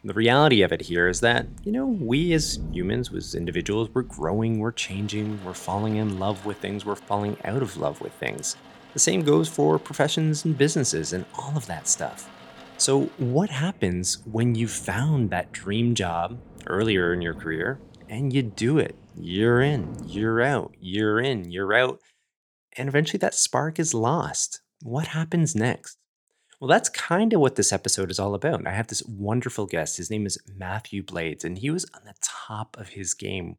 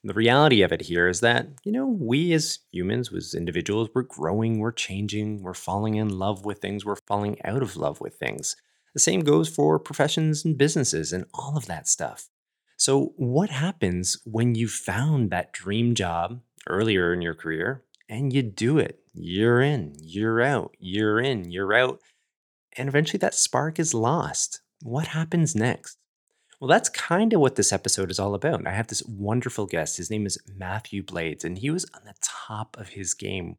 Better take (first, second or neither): second